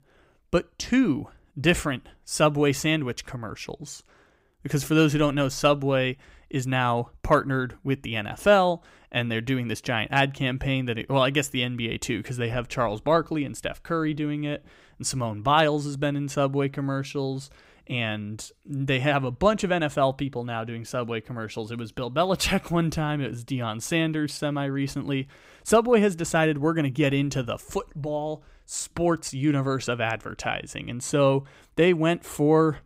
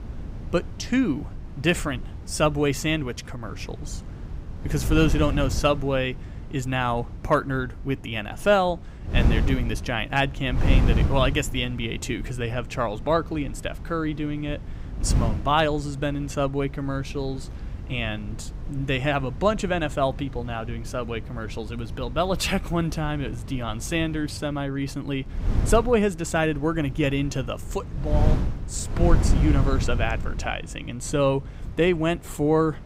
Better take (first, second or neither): first